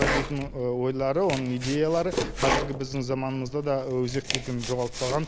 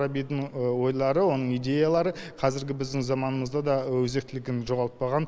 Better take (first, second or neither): second